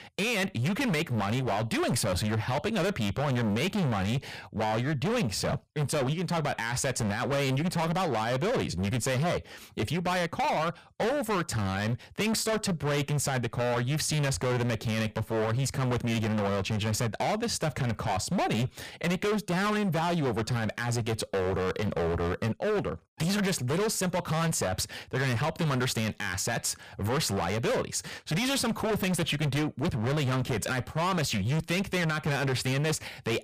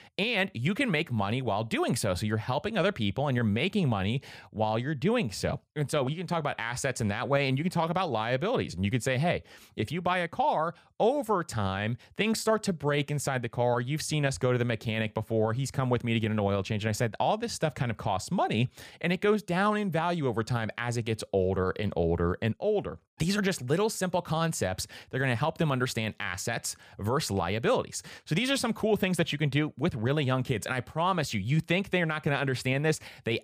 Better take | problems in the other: second | distortion; heavy; 30% of the sound clipped

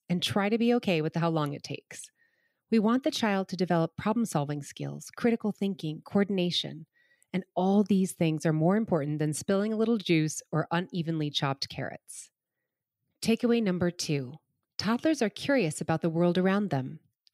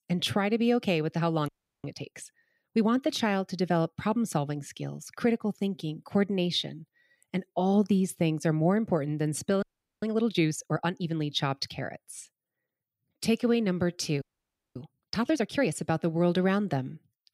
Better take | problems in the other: first | audio freezing; at 1.5 s, at 9.5 s and at 14 s for 0.5 s

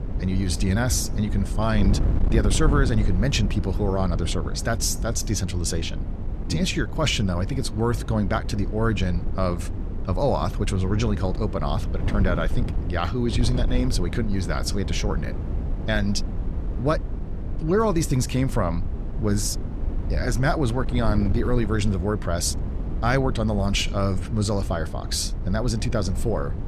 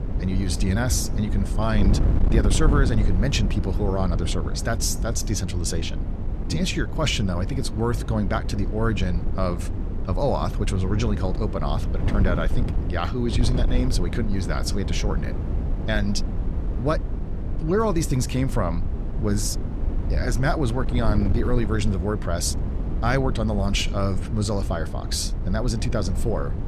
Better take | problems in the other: first | wind noise on the microphone; heavy; 10 dB below the speech; occasional gusts in the first

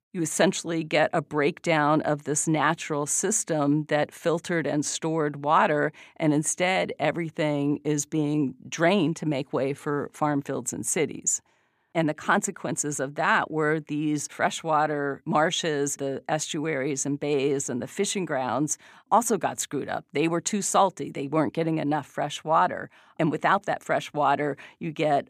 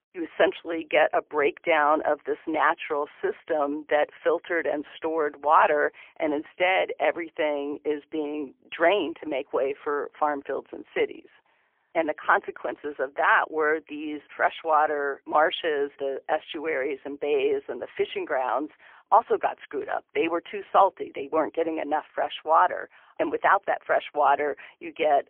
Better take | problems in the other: first | phone-call audio; poor line; nothing above 3.5 kHz

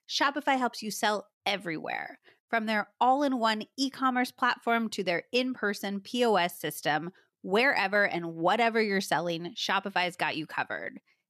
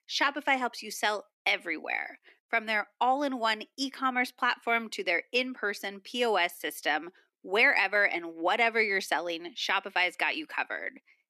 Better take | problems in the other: first | thin; very slightly; fading below 250 Hz

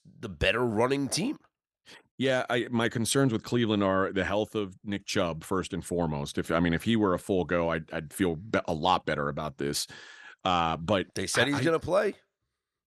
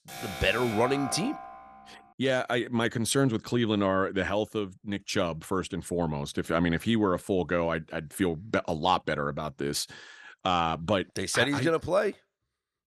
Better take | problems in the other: first | alarm; noticeable; until 2 s; peak 7 dB below the speech

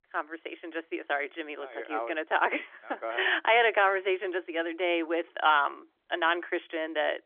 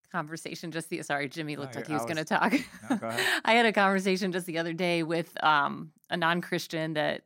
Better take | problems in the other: second | phone-call audio; nothing above 3.5 kHz

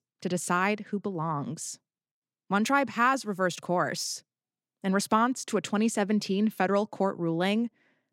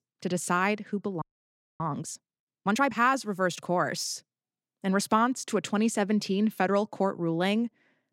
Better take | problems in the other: first | audio freezing; at 1 s for 0.5 s

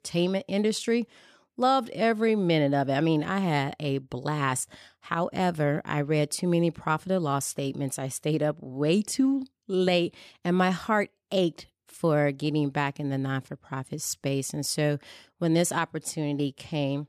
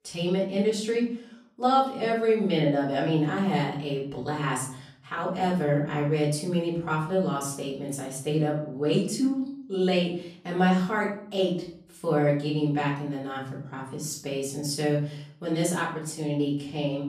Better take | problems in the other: first | room echo; slight; dies away in 0.5 s // off-mic speech; far

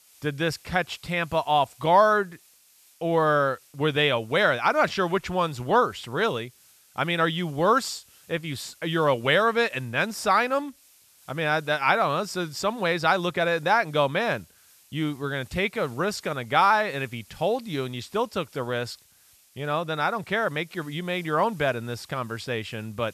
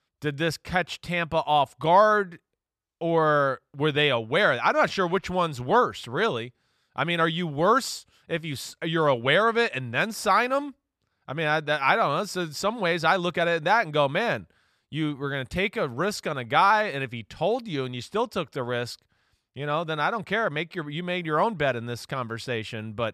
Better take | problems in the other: second | hiss; faint; throughout; 30 dB below the speech

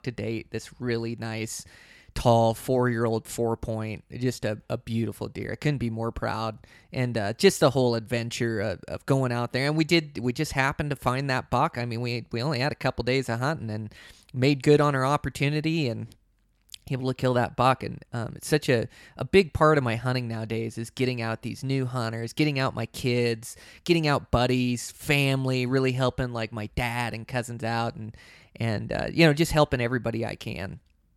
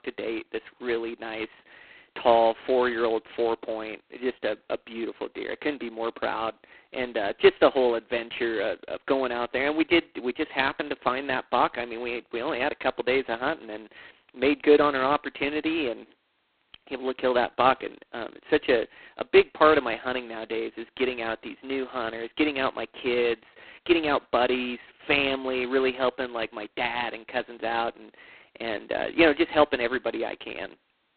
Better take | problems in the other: first | phone-call audio; poor line; nothing above 4 kHz

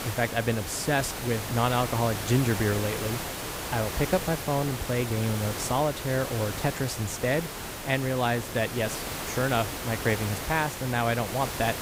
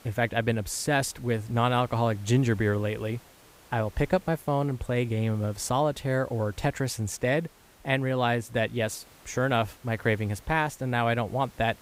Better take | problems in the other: second | hiss; loud; throughout; 5 dB below the speech; faint in the second

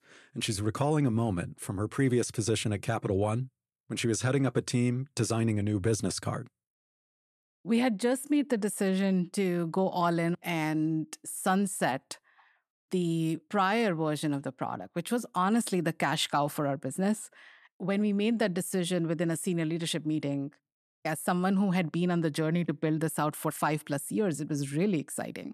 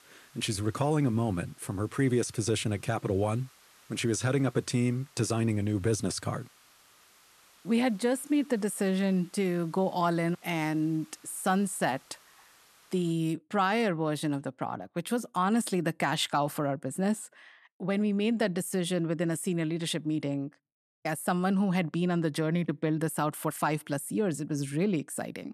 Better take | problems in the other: first | hiss; faint; until 13 s; 25 dB below the speech

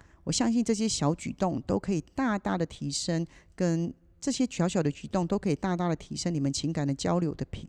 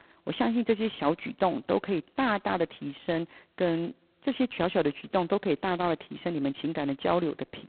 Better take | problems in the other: first | phone-call audio; poor line; nothing above 4 kHz

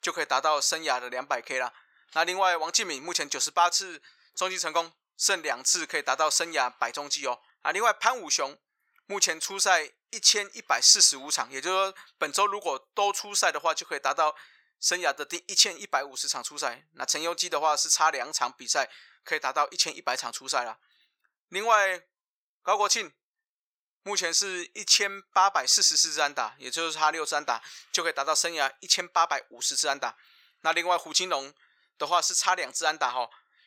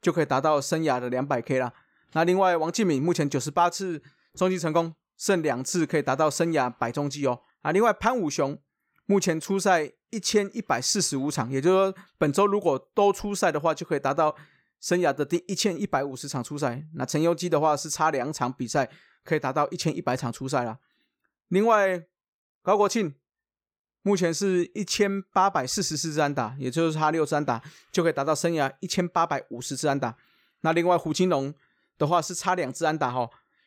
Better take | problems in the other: second | thin; very; fading below 900 Hz

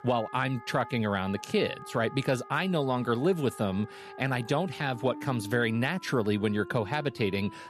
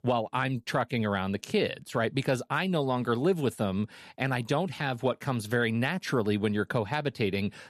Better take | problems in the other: second | background music; noticeable; throughout; 15 dB below the speech

